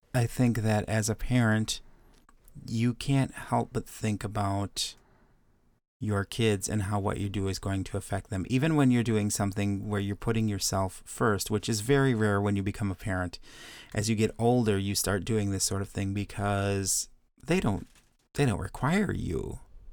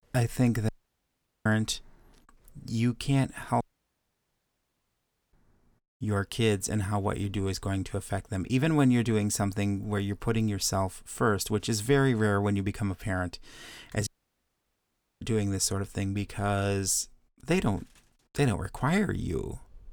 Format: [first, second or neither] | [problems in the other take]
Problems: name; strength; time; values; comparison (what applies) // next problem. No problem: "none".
first | audio cutting out; at 0.5 s for 1 s, at 3.5 s for 1.5 s and at 14 s for 1 s